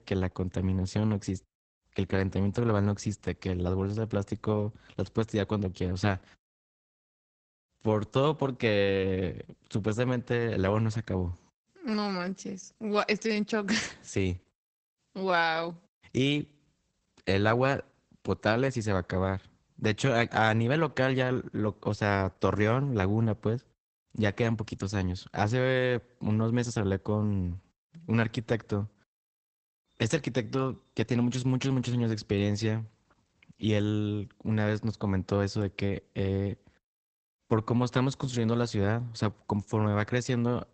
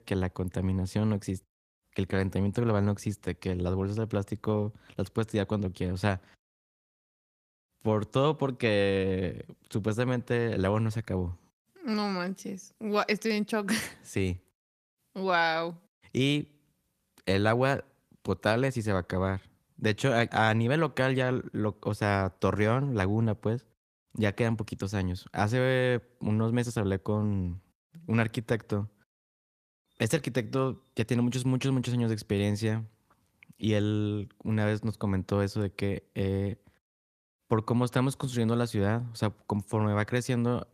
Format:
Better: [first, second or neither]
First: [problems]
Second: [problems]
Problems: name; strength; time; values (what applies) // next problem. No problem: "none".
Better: second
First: garbled, watery; badly; nothing above 8 kHz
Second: garbled, watery; slightly; nothing above 14.5 kHz